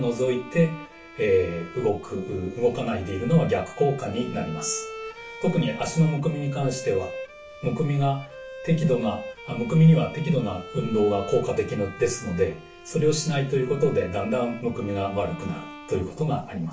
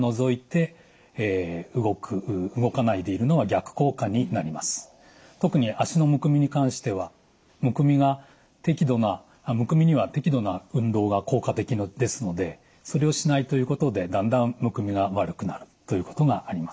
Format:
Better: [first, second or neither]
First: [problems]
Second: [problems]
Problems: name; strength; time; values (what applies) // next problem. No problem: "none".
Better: second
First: background sound (Bowed string instrument); 15 dB below the speech // room echo; dies away in 0.3 s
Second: none